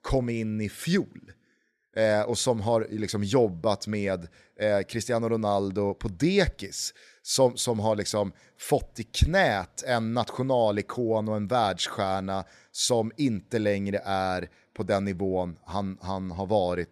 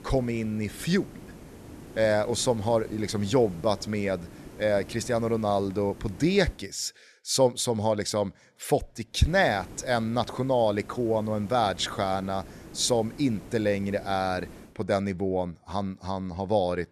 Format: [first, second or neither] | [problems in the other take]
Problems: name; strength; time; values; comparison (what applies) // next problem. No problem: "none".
first | hiss; noticeable; until 6.5 s and from 9 to 15 s; 20 dB below the speech